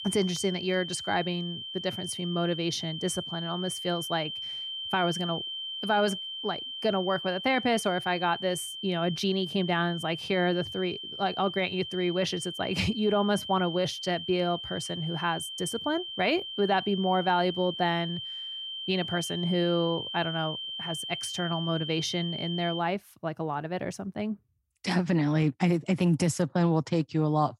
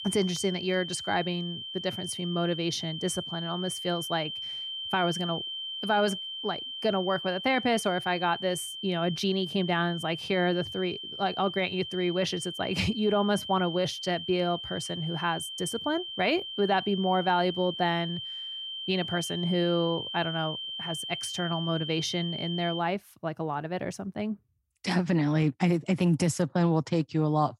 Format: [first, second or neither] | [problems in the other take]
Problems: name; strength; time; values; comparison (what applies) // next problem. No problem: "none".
neither | high-pitched whine; loud; until 23 s; 3 kHz, 6 dB below the speech; the same in both